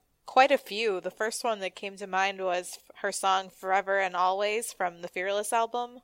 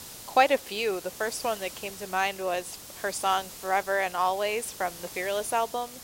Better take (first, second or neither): first